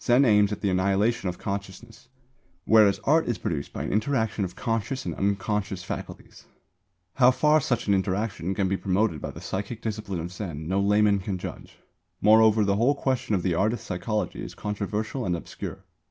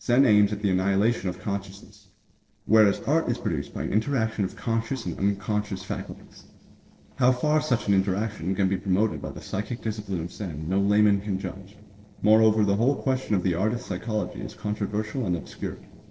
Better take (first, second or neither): first